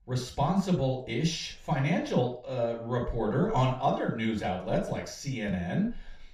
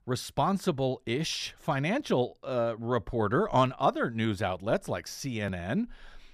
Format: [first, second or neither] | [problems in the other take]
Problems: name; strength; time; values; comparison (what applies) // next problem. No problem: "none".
second | room echo; noticeable; dies away in 0.4 s // off-mic speech; far